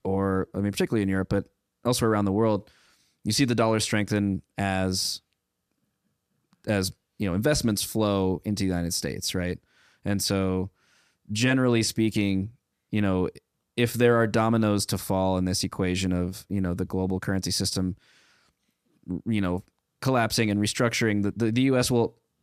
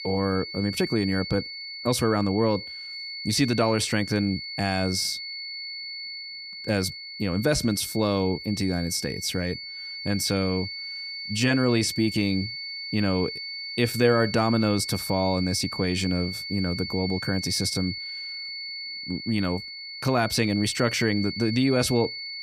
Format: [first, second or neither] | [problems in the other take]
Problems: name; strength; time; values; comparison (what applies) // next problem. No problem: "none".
first | high-pitched whine; loud; throughout; 4.5 kHz, 8 dB below the speech